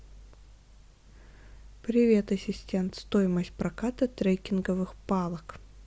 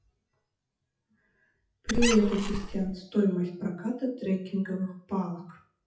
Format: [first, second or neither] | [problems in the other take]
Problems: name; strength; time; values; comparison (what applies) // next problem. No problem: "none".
first | noise reduction (classical method WPE with log-MMSE)